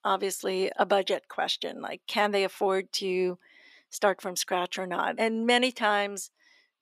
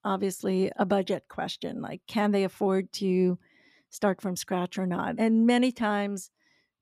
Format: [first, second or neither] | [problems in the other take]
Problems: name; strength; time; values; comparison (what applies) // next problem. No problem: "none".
second | thin; somewhat; fading below 450 Hz